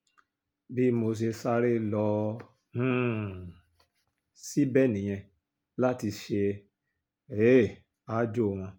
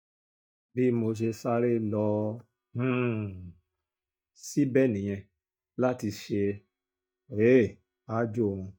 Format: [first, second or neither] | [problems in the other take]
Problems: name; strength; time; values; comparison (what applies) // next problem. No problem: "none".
first | noise reduction (neural mask model DeepFilterNet 3)